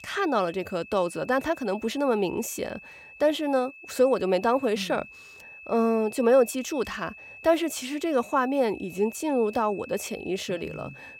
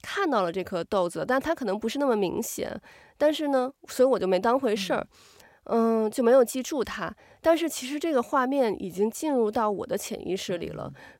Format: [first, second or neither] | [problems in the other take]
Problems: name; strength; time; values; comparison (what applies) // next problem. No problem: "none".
second | high-pitched whine; noticeable; throughout; 2.5 kHz, 20 dB below the speech